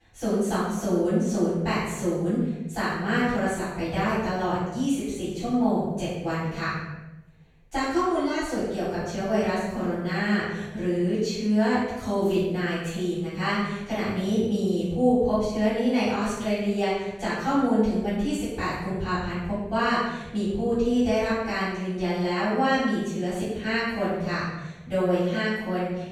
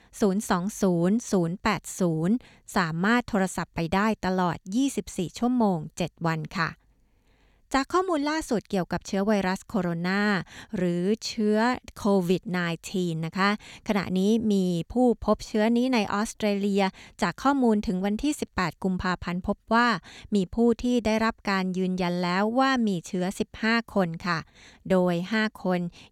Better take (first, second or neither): second